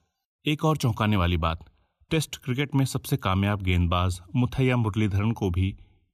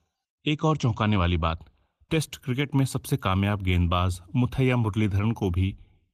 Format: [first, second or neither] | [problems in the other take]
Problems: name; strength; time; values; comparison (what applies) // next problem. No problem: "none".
first | garbled, watery; slightly; nothing above 14.5 kHz